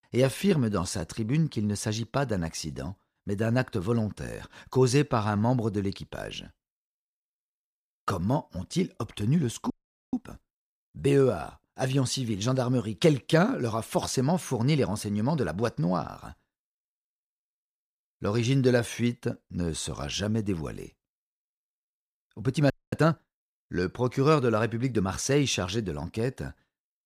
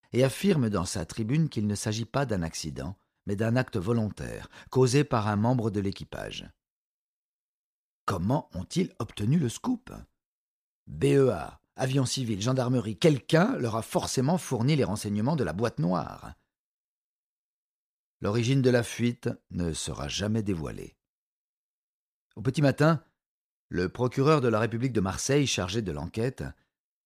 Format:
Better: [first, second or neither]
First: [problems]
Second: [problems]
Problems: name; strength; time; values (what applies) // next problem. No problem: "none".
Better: second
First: audio freezing; at 9.5 s and at 23 s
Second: none